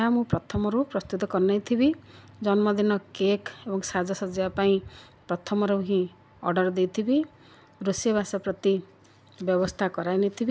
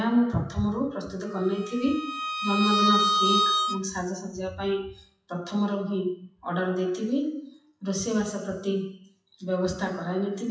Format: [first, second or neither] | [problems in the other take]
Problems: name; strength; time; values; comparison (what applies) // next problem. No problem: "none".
first | noise reduction (classical method WPE with log-MMSE)